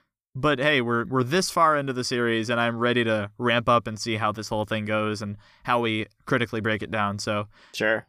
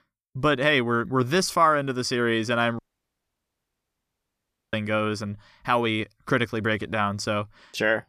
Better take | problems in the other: first | audio cutting out; at 3 s for 2 s

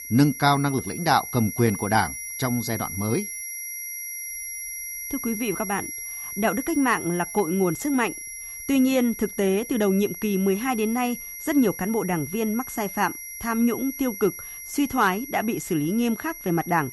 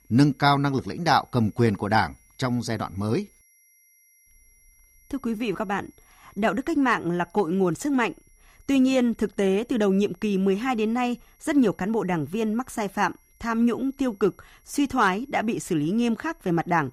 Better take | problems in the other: second | high-pitched whine; loud; throughout; 2 kHz, 8 dB below the speech; faint in the second

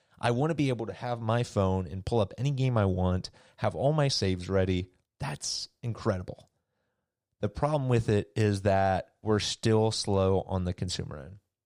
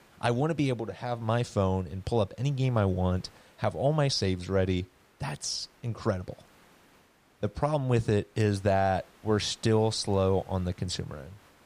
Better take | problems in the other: first | hiss; faint; throughout; 30 dB below the speech

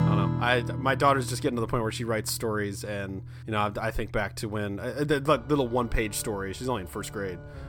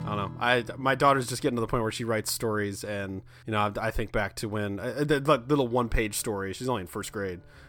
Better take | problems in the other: second | background music; loud; throughout; 9 dB below the speech; faint in the second

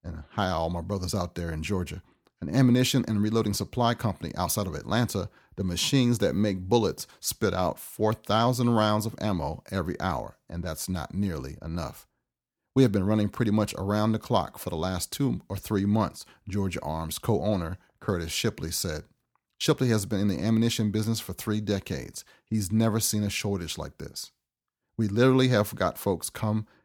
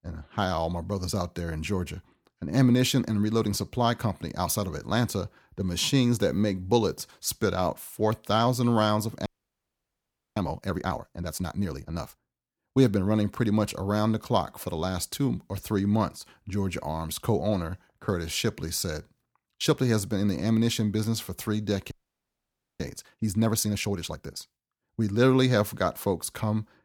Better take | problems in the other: first | audio freezing; at 9.5 s for 1 s and at 22 s for 1 s

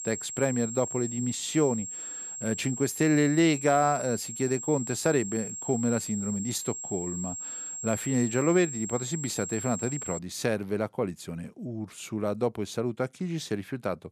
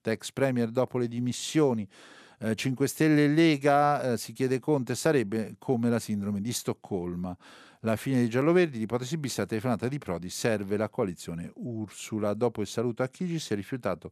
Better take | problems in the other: second | high-pitched whine; loud; until 10 s; 7.5 kHz, 6 dB below the speech

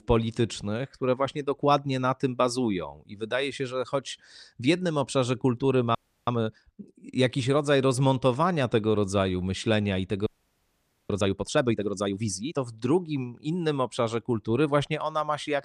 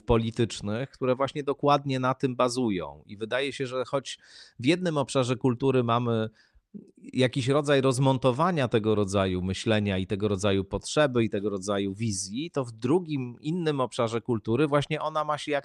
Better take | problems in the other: second | audio freezing; at 6 s and at 10 s for 1 s

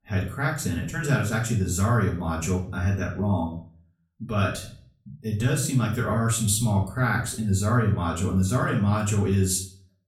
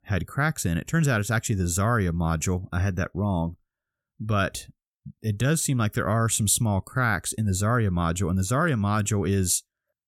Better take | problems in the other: second | off-mic speech; far // room echo; slight; dies away in 0.4 s

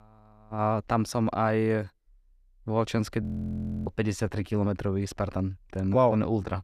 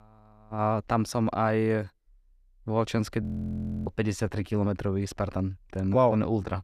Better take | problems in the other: neither | audio freezing; at 3 s for 0.5 s; the same in both

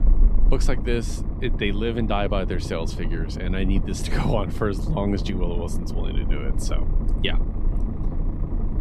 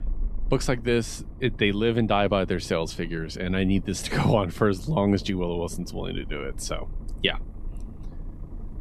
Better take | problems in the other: second | low rumble; loud; throughout; 10 dB below the speech; faint in the second

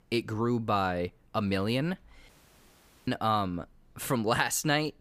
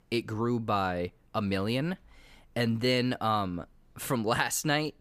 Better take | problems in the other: second | audio cutting out; at 2.5 s for 1 s

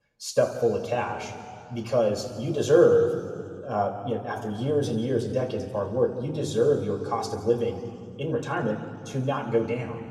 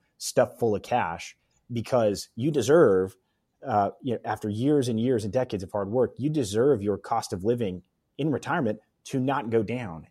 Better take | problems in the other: second | room echo; slight; dies away in 2.2 s // off-mic speech; somewhat distant

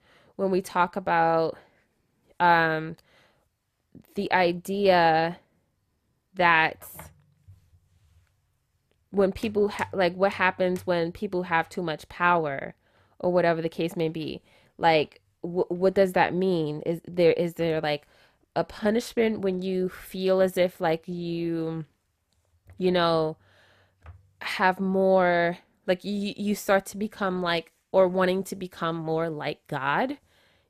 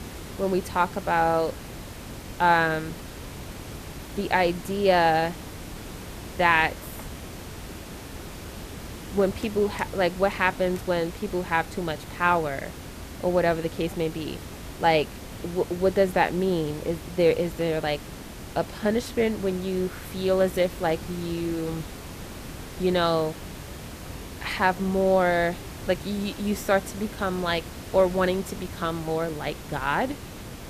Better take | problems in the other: first | hiss; noticeable; throughout; 15 dB below the speech

